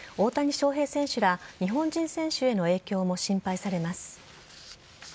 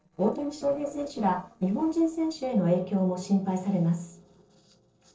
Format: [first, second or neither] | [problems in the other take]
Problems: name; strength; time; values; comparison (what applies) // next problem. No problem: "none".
first | noise reduction (neural separator model SepFormer DNS4)